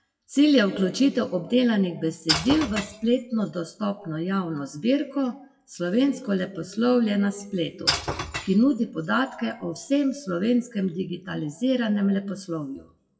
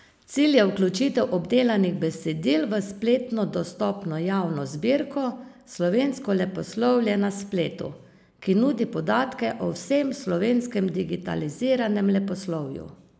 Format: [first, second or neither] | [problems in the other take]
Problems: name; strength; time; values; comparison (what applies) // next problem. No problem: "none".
second | noise reduction (classical method WPE with log-MMSE)